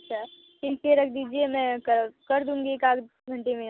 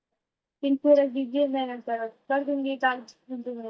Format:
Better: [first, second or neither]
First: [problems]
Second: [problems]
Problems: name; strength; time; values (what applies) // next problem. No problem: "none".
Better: first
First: none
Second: noise reduction (neural mask model DeepFilterNet 3)